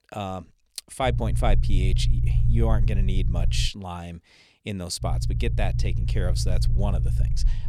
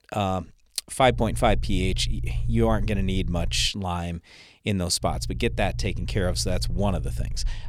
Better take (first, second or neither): second